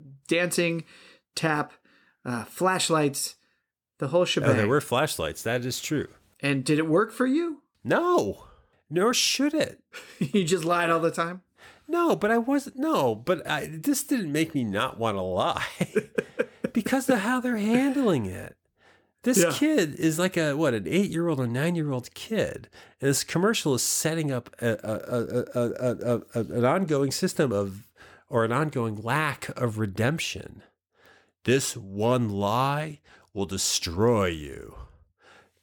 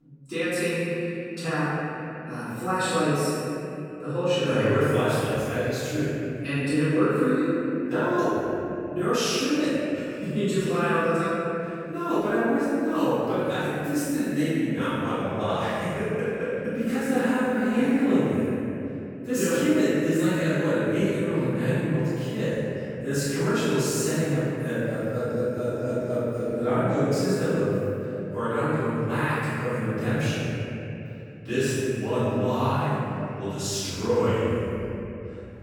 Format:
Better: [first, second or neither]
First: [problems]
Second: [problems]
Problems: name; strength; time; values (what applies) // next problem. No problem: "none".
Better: first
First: none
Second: off-mic speech; far // room echo; strong; dies away in 3 s